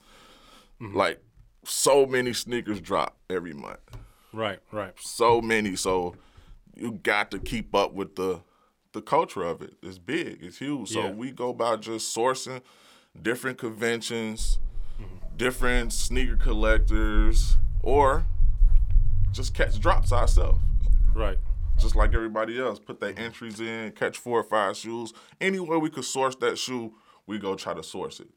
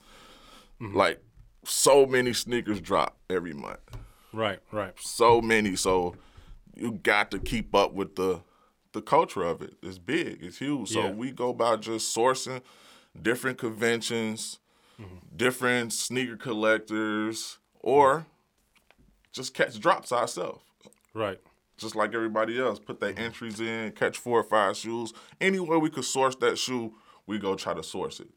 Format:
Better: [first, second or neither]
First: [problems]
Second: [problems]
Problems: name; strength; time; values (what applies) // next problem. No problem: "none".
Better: second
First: footsteps; loud; from 14 to 22 s; peak 3 dB above the speech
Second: none